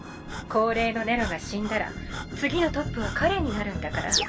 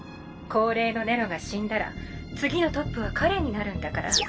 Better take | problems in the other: second | background sound (Breathing); 13 dB below the speech

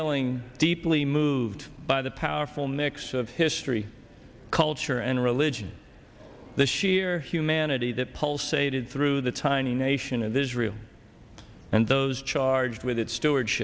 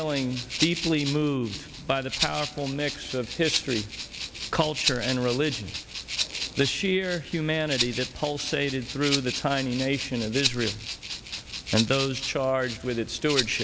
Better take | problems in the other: first | background sound (Rattle (instrument)); 6 dB below the speech

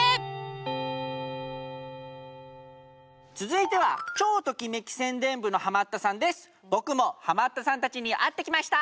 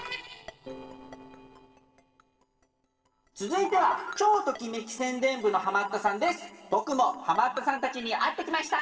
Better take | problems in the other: first | noise reduction (neural separator model SepFormer DNS4)

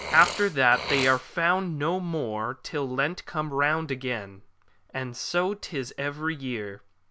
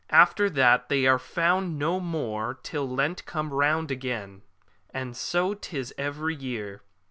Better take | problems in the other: second | background sound (Burping, eructation); 14 dB below the speech

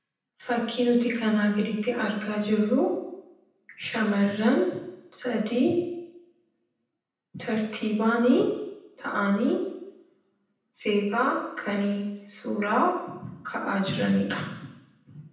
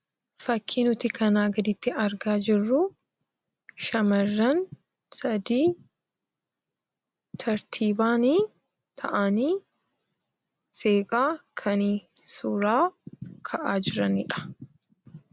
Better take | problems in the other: second | room echo; dies away in 0.9 s

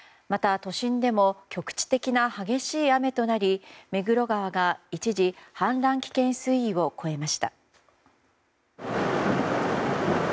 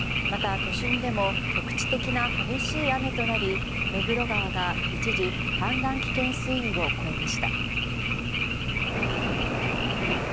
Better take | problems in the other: first | background sound (Frog); 4 dB above the speech

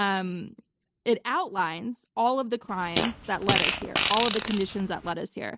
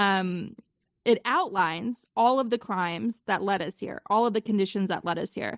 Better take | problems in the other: second | background sound (Fart); as loud as the speech

